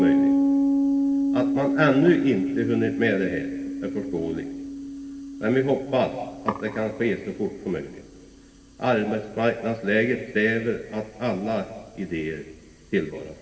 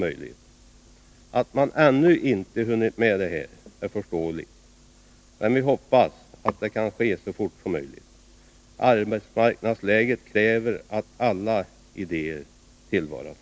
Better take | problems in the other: second | background sound (Piano); 2 dB below the speech // room echo; dies away in 2.6 s

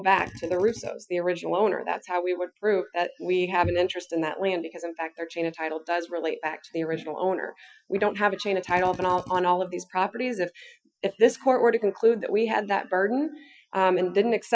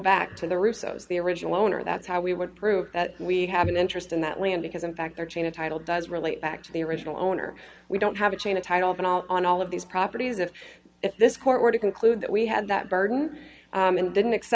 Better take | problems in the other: second | noise reduction (classical method Wiener filter)

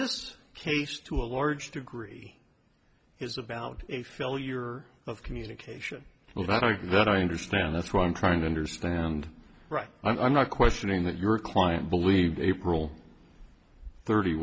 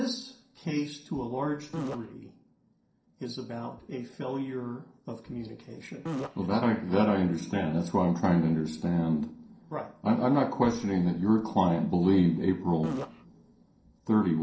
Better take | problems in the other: first | noise reduction (neural separator model SepFormer DNS4)

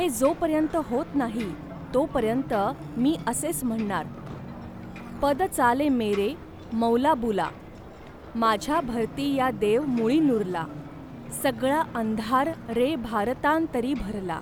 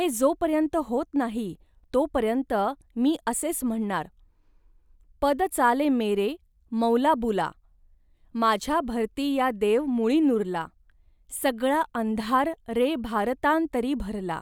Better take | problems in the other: second | background sound (Marimba, xylophone + Ocean); 13 dB below the speech

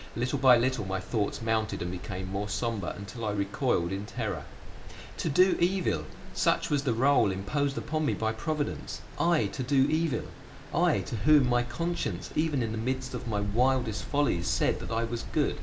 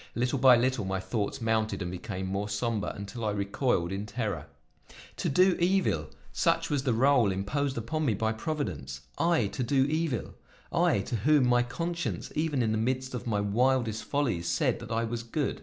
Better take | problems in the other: second | background sound (Stream); 9 dB below the speech // room echo; dies away in 1.9 s

